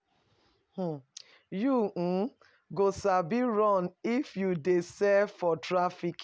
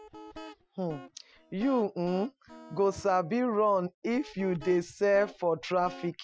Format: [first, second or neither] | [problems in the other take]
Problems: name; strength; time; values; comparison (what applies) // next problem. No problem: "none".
first | noise reduction (classical method Wiener filter)